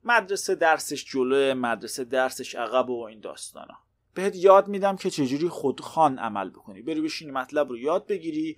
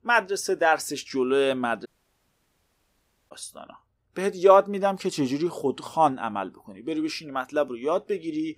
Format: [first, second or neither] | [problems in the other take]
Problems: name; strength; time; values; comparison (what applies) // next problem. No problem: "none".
first | audio cutting out; at 2 s for 1.5 s